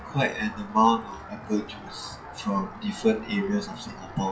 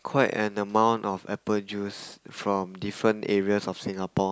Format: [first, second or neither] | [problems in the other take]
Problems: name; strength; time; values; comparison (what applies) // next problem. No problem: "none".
second | noise reduction (classical method WPE with log-MMSE)